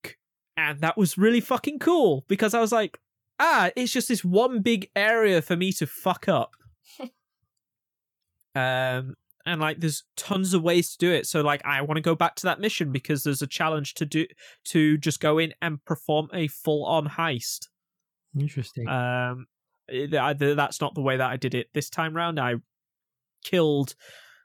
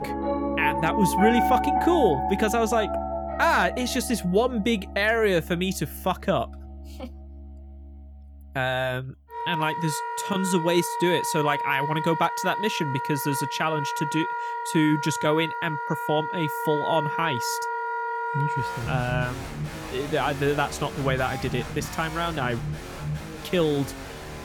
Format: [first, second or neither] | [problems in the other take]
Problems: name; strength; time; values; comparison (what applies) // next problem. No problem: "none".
first | background music; loud; throughout; 4 dB below the speech